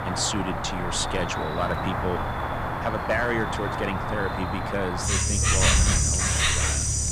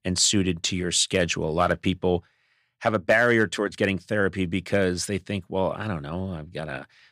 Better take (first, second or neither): second